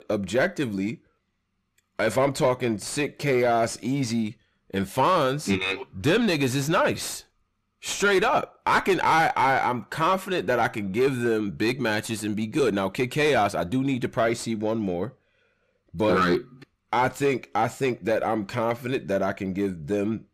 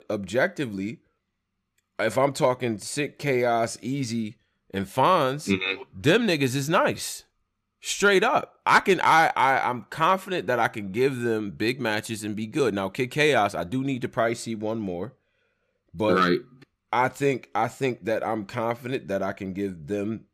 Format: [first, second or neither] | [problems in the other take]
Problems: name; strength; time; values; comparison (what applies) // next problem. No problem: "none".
second | distortion; slight; 10 dB below the speech